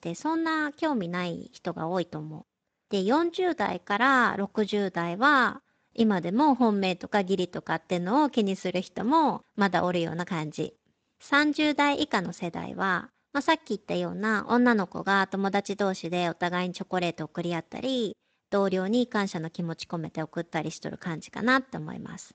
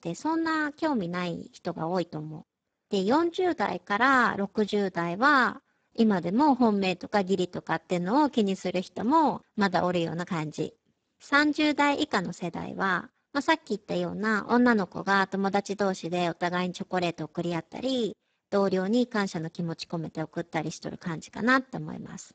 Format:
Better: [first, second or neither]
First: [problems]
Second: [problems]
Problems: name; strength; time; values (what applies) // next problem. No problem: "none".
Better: first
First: garbled, watery; slightly; nothing above 7.5 kHz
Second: garbled, watery; badly; nothing above 7.5 kHz